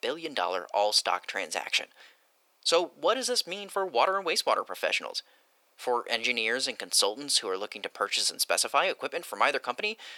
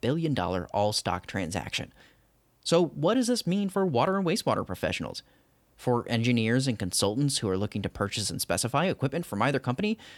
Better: second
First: thin; very; fading below 500 Hz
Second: none

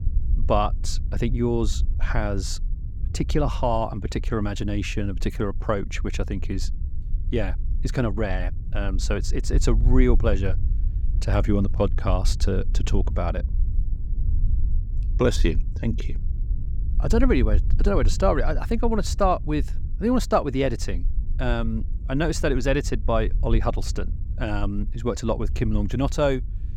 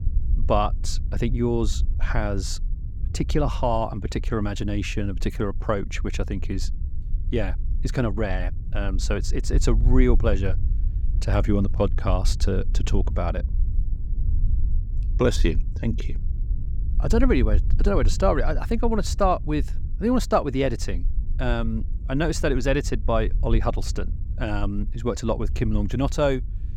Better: neither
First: low rumble; faint; throughout; 20 dB below the speech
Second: low rumble; faint; throughout; 20 dB below the speech

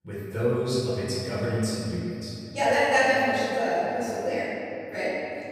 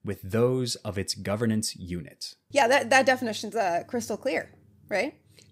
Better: second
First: off-mic speech; far // room echo; strong; dies away in 2.6 s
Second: none

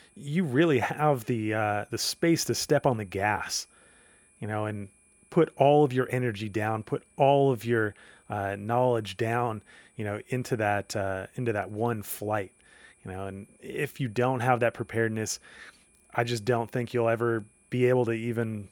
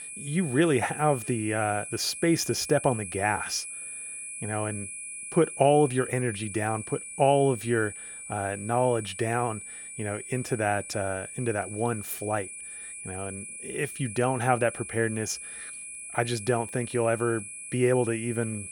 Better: first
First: high-pitched whine; faint; throughout; 10 kHz, 35 dB below the speech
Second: high-pitched whine; loud; throughout; 10 kHz, 9 dB below the speech

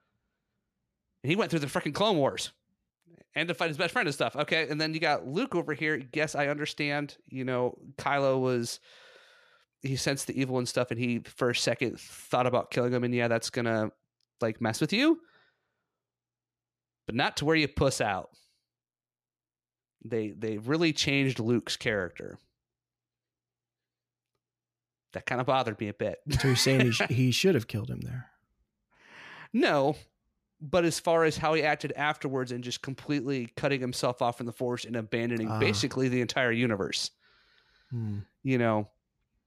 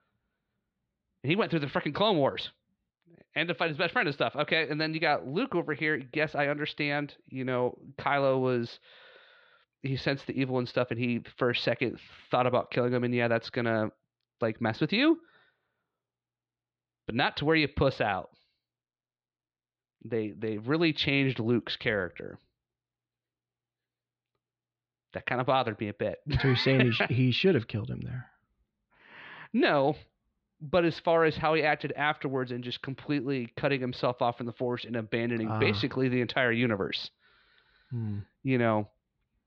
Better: first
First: none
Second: muffled; very slightly; fading above 4 kHz

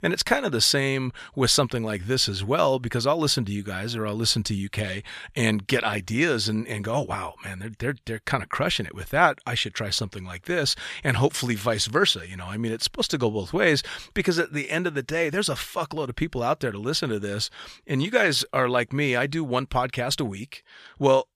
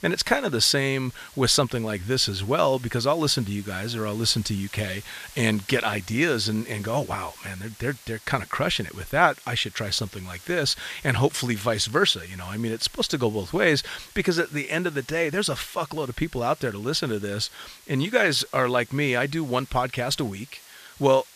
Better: first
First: none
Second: hiss; faint; throughout; 20 dB below the speech

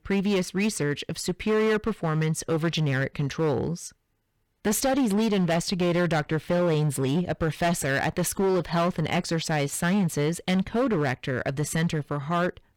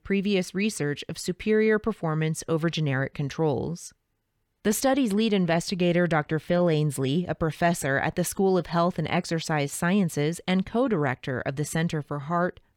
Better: second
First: distortion; slight; 12% of the sound clipped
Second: none

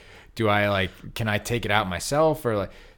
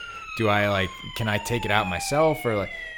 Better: first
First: none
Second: siren; noticeable; peak 7 dB below the speech

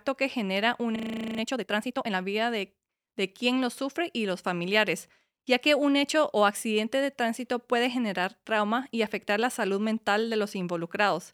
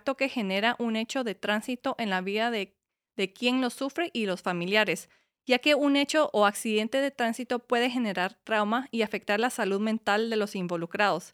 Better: second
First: audio freezing; at 1 s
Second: none

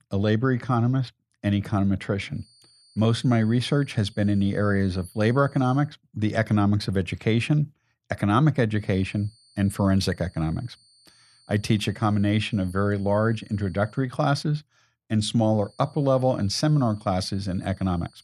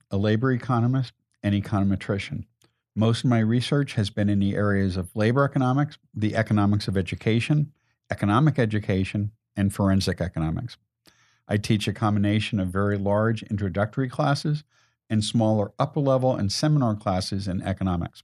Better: second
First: high-pitched whine; faint; from 2.5 to 6 s, from 9 to 14 s and from 16 s on; 4.5 kHz, 30 dB below the speech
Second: none

